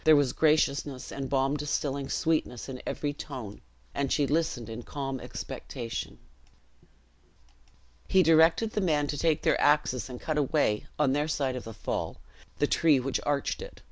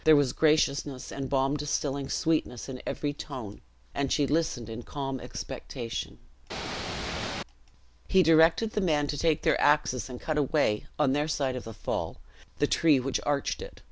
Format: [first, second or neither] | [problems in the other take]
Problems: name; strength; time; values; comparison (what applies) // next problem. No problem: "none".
first | background sound (Ocean / Boat, Water vehicle); 5 dB below the speech